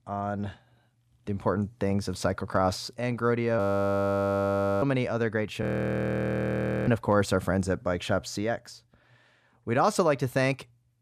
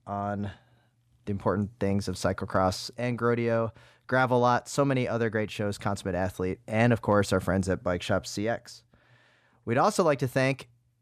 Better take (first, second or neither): second